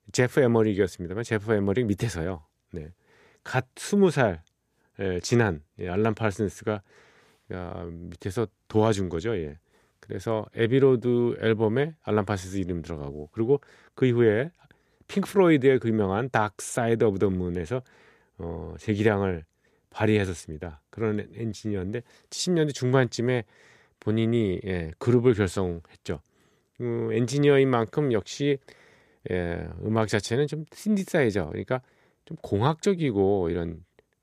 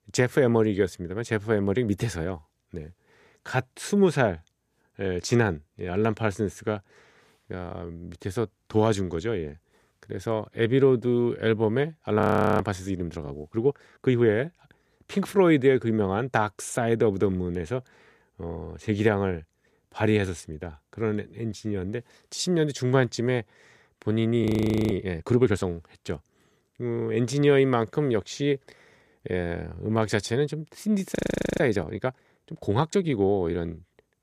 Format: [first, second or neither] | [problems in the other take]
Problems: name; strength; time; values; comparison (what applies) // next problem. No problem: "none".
first | audio freezing; at 12 s, at 24 s and at 31 s